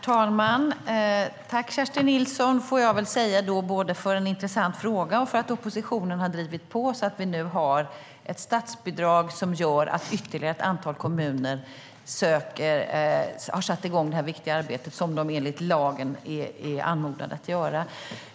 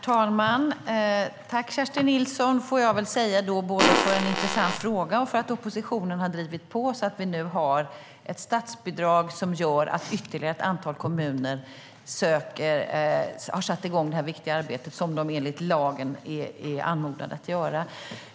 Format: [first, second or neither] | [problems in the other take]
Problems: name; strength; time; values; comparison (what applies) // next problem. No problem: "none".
first | background sound (Fart); 2 dB above the speech